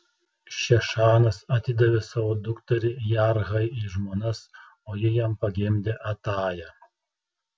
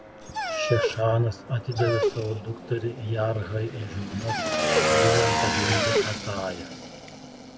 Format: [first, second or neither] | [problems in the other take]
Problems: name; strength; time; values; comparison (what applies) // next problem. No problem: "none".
first | background sound (Dog + Motorcycle / Engine); 2 dB above the speech